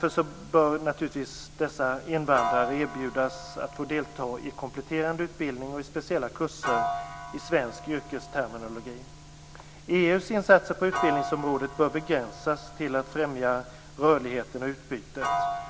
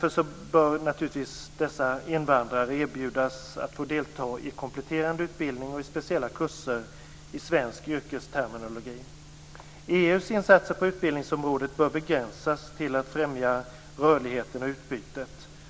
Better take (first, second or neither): second